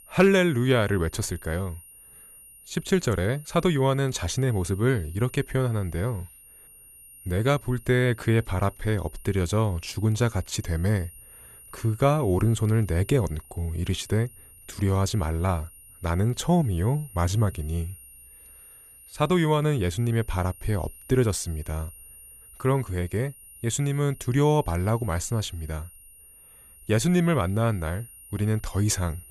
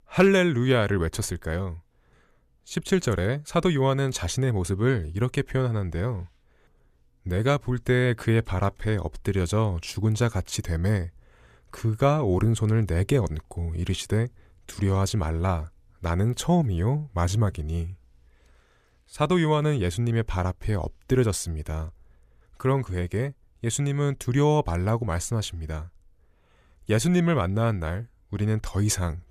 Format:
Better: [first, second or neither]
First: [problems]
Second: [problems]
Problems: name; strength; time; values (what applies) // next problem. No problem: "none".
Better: second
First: high-pitched whine; faint; throughout; 9.5 kHz, 20 dB below the speech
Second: none